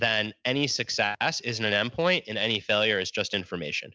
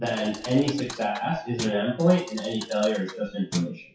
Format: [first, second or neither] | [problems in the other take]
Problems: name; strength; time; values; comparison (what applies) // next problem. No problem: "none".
first | noise reduction (classical method WPE with log-MMSE)